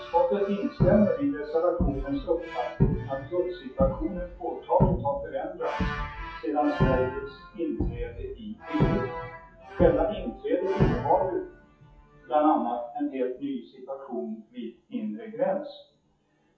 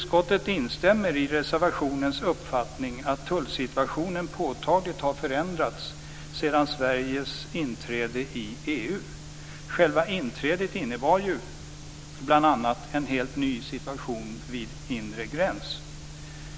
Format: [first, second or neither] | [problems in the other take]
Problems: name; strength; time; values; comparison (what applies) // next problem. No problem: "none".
second | noise reduction (classical method WPE with log-MMSE)